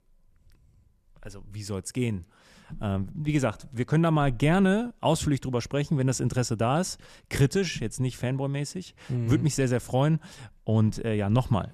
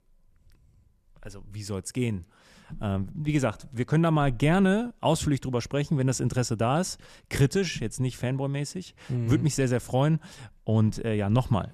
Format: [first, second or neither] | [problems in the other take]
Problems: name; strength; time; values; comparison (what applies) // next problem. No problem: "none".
neither | none